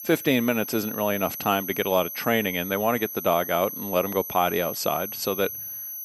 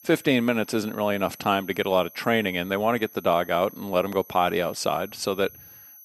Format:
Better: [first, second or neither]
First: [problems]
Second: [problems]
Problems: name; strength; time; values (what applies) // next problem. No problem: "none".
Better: second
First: high-pitched whine; loud; throughout; 12 kHz, 7 dB below the speech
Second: high-pitched whine; faint; throughout; 12 kHz, 20 dB below the speech